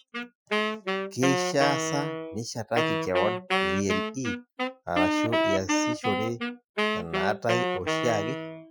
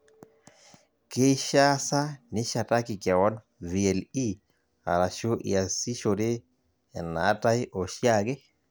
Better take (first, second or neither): second